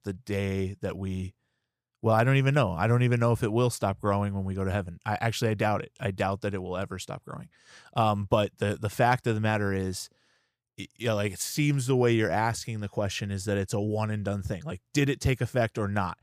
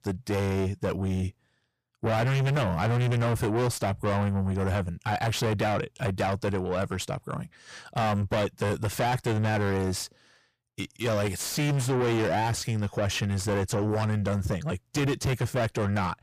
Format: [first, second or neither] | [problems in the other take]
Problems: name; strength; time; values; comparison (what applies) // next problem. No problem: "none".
first | distortion; heavy; 6 dB below the speech